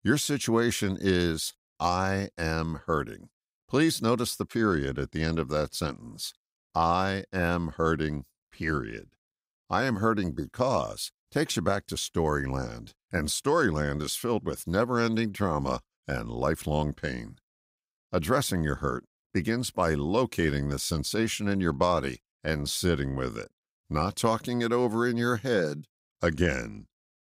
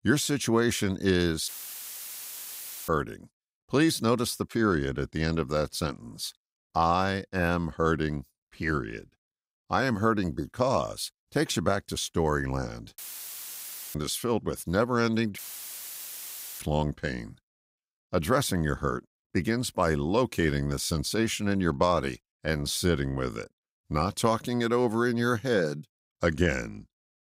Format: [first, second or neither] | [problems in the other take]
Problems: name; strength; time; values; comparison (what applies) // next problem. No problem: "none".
first | audio cutting out; filled with static; at 1.5 s for 1.5 s, at 13 s for 1 s and at 15 s for 1 s